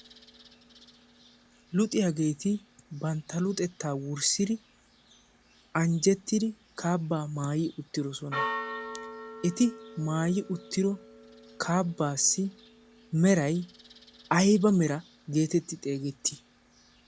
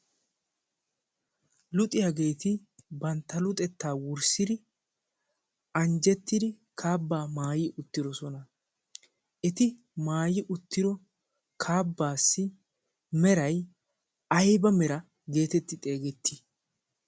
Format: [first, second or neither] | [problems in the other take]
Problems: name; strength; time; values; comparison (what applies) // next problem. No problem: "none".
second | background sound (Church bell); 16 dB below the speech